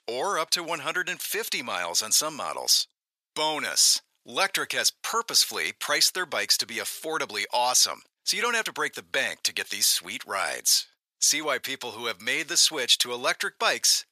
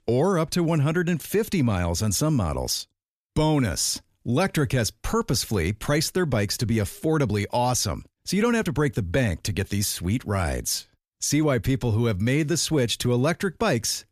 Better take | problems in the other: second | thin; very; fading below 900 Hz

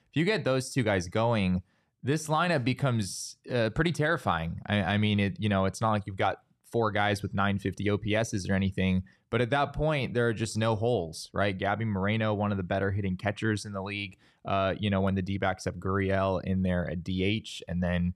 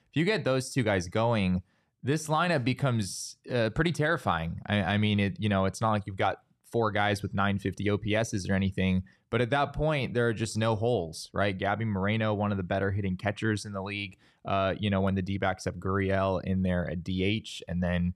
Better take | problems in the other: neither | none

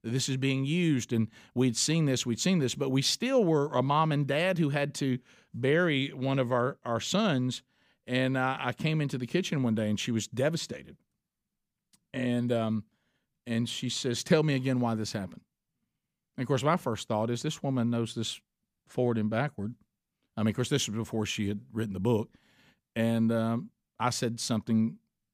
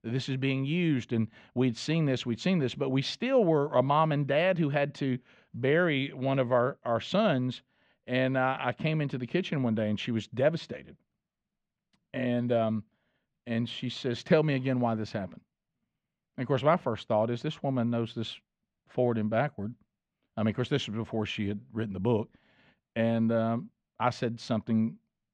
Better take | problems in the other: first | muffled; slightly; fading above 2.5 kHz

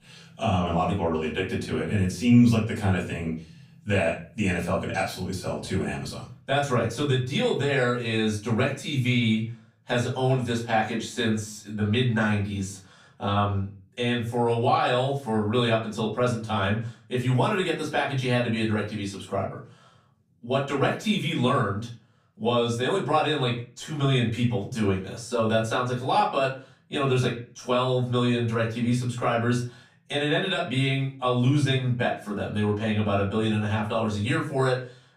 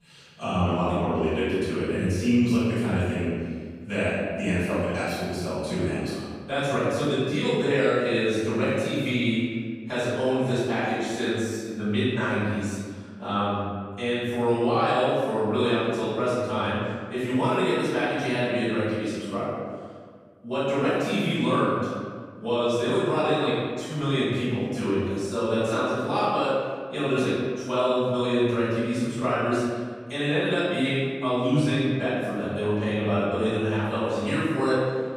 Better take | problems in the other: first | room echo; strong; dies away in 1.6 s; slight in the first // off-mic speech; far; far in the first

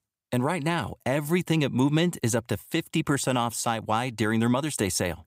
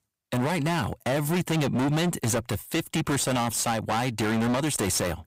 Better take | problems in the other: first | distortion; heavy; 29% of the sound clipped

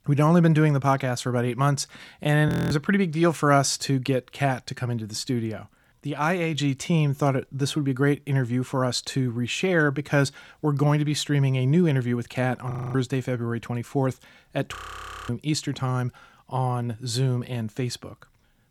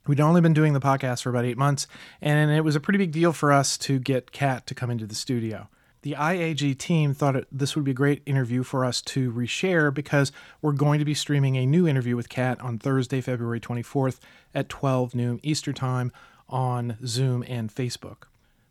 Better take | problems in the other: second | audio freezing; at 2.5 s, at 13 s and at 15 s for 0.5 s

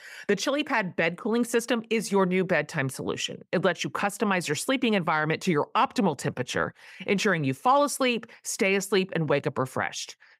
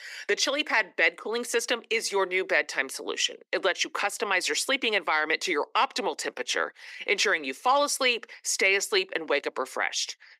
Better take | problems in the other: first | thin; somewhat; fading below 300 Hz

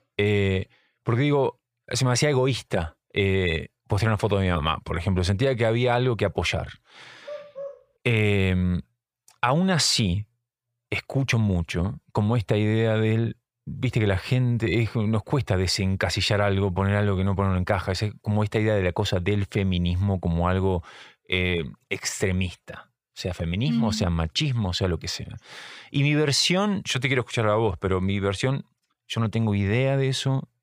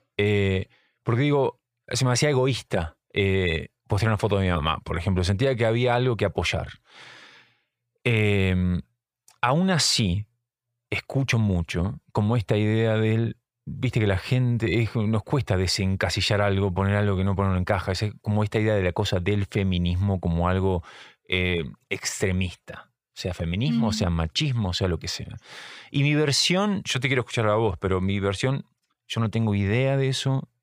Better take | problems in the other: second | dog barking; faint; at 7.5 s; peak 10 dB below the speech

